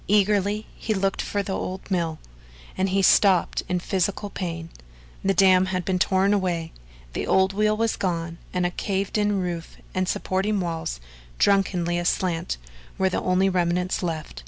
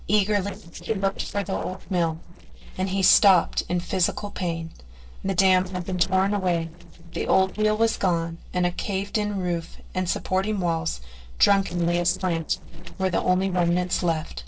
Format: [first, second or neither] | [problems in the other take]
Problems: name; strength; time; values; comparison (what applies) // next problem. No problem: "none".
first | noise reduction (neural separator model SepFormer DNS4)